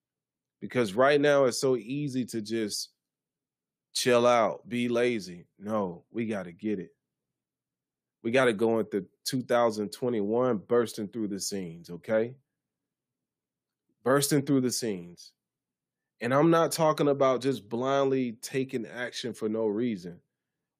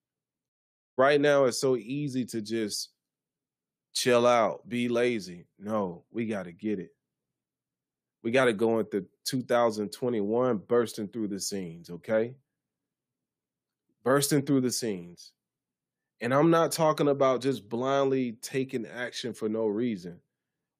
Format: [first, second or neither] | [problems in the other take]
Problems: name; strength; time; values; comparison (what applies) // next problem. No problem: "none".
first | audio cutting out; at 0.5 s